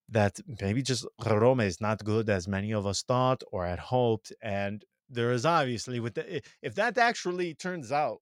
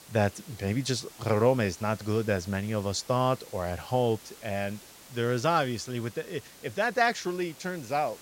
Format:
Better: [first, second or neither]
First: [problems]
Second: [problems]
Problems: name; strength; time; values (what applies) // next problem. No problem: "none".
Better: first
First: none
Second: hiss; noticeable; throughout; 20 dB below the speech